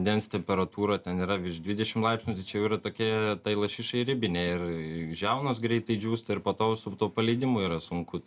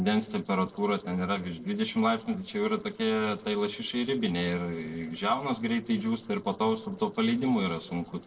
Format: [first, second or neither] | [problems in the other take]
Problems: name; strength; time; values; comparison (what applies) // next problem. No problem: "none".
first | noise reduction (neural separator model SepFormer DNS4)